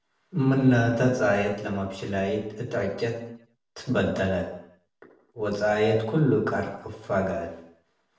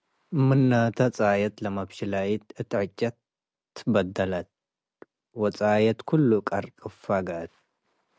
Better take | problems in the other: second | room echo; dies away in 0.6 s

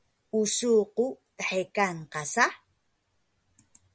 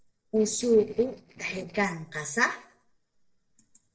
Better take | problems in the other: first | noise reduction (neural separator model SepFormer DNS4)

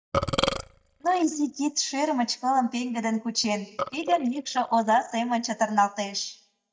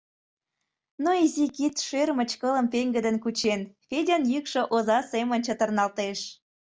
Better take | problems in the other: second | noise reduction (neural mask model DeepFilterNet 3)

